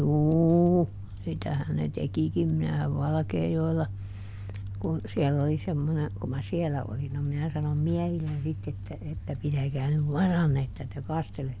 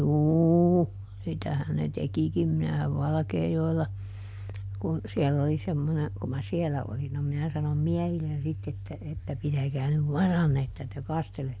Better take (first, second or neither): second